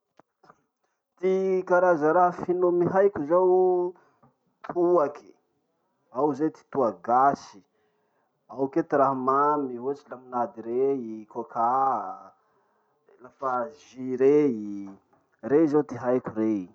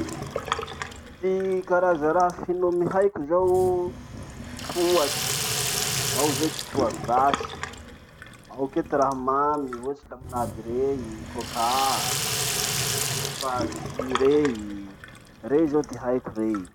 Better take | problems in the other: first | background sound (Sink (filling or washing)); 6 dB below the speech

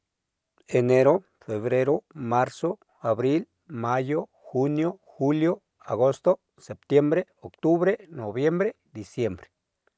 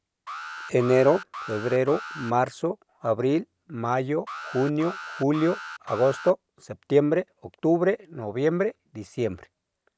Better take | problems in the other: first | background sound (Alarm); 14 dB below the speech

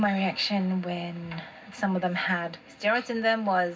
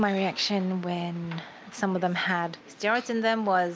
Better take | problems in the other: second | room echo; dies away in 0.4 s

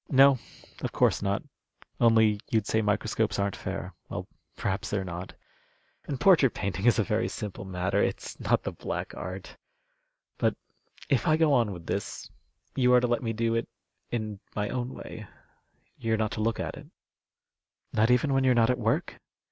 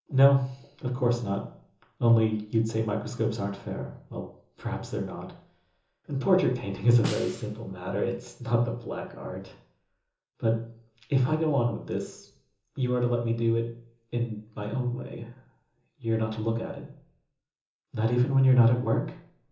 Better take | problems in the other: first | background sound (Snare drum); 12 dB below the speech // room echo; dies away in 0.6 s

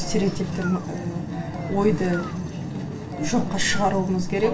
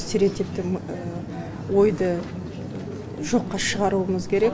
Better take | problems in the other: second | background sound (Engine); 16 dB below the speech // room echo; dies away in 0.4 s

